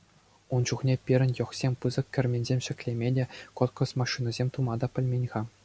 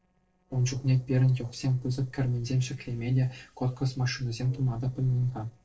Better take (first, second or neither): first